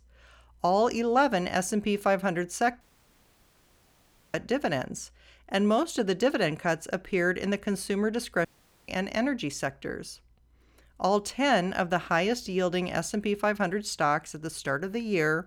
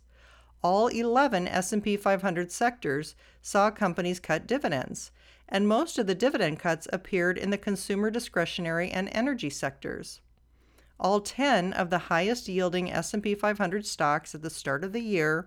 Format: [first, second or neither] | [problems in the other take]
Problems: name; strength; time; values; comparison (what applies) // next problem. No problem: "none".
second | audio cutting out; at 3 s for 1.5 s and at 8.5 s